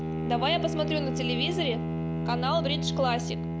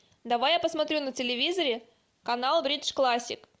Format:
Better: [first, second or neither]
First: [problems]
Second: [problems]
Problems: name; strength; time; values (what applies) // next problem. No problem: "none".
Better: second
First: background sound (Bowed string instrument); as loud as the speech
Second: none